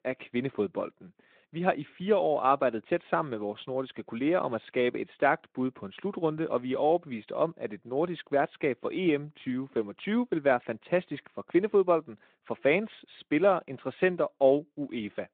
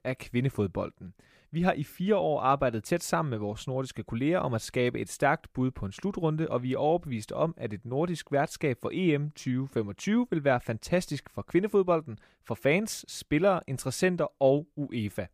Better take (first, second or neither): second